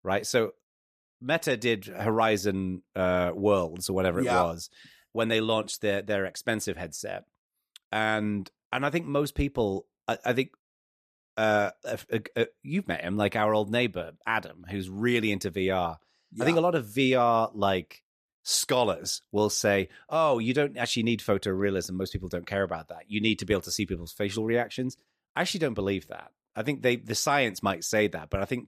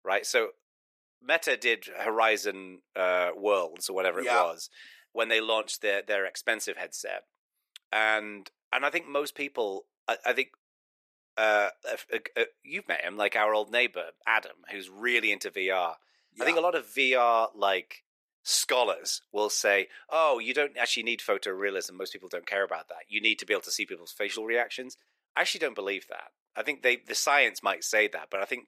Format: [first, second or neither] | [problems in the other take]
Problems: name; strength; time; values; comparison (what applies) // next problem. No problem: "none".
first | thin; very; fading below 450 Hz